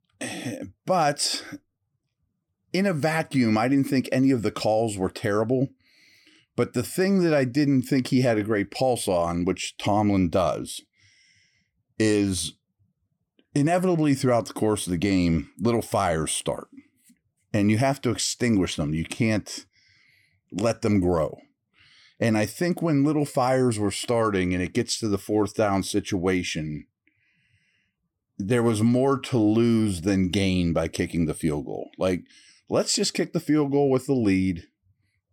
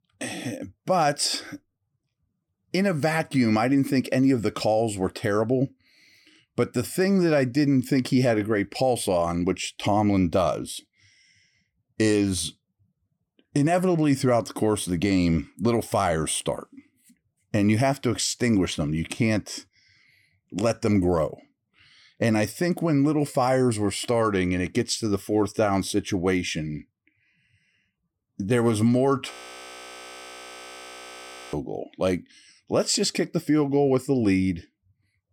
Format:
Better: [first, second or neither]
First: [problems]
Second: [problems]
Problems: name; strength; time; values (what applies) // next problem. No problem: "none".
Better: first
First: none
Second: audio freezing; at 29 s for 2 s